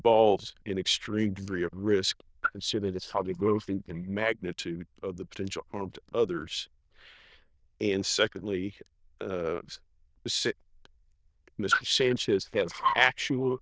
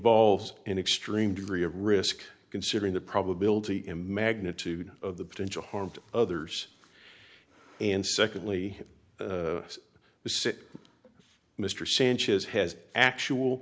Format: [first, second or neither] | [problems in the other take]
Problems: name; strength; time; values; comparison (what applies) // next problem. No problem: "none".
second | noise reduction (neural diffusion model UNIVERSE++)